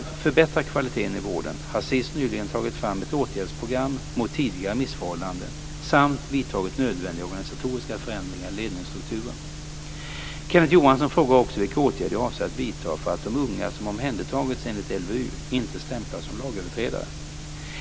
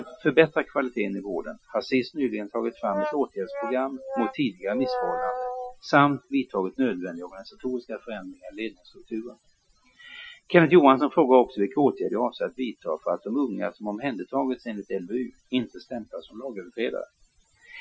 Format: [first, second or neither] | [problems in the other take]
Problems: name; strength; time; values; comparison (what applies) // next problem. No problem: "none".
first | noise reduction (classical method Wiener filter)